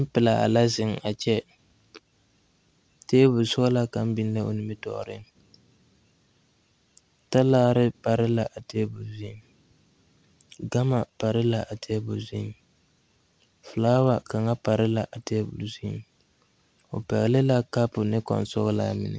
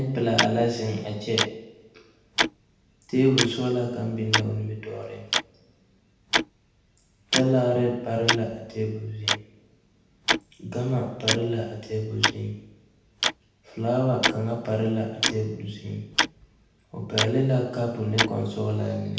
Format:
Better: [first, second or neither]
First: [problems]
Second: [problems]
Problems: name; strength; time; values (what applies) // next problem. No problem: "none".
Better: first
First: none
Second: background sound (Tick-tock); 4 dB below the speech // room echo; dies away in 0.9 s